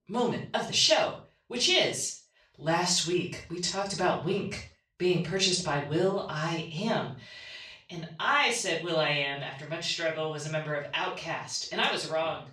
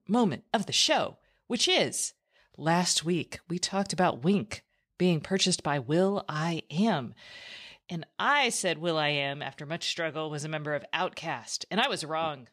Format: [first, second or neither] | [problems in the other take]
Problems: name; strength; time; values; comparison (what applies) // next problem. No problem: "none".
second | room echo; noticeable; dies away in 0.3 s // off-mic speech; far